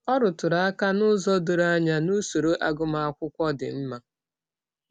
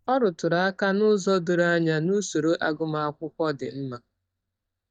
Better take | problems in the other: first | noise reduction (neural mask model DeepFilterNet 3)

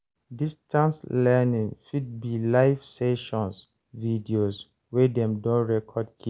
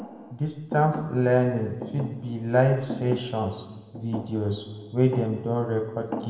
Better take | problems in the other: first | background sound (Thump, thud); 13 dB below the speech // room echo; dies away in 1.2 s

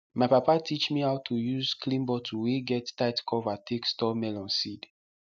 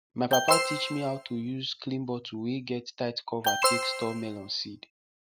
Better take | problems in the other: first | background sound (Alarm); 2 dB above the speech

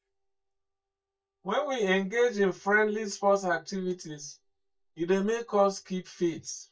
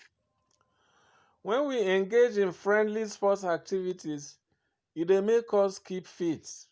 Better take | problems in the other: second | noise reduction (neural mask model DeepFilterNet 3)

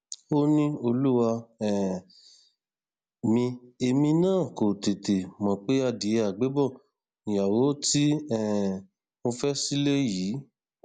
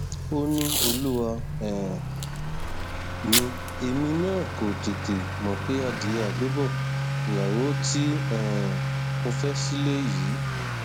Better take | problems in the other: first | background sound (Packing tape, duct tape + Accelerating, revving, vroom / Motor vehicle (road)); 1 dB above the speech

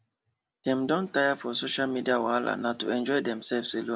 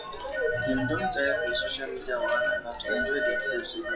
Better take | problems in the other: first | noise reduction (classical method log-MMSE)

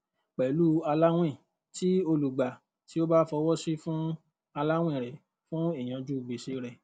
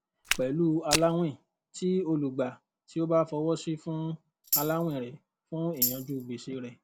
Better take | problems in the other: first | background sound (Walk, footsteps + Tambourine); 3 dB below the speech

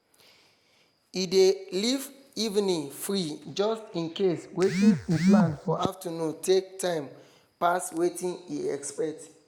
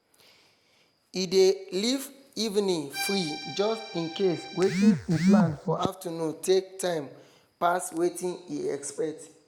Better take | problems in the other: first | background sound (Accordion); 10 dB below the speech

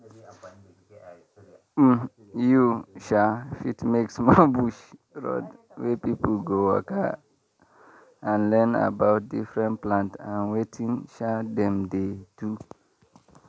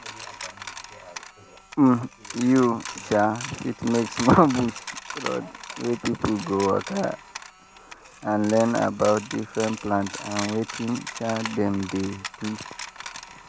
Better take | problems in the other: first | background sound (Coin (dropping)); 13 dB below the speech

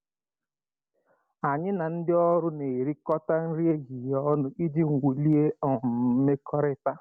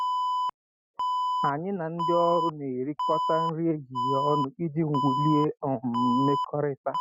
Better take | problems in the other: first | noise reduction (classical method Wiener filter)

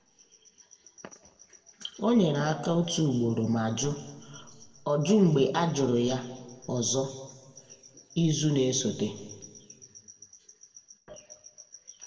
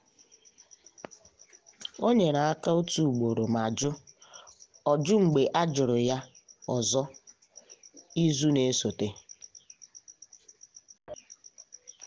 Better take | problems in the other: second | room echo; dies away in 1.5 s

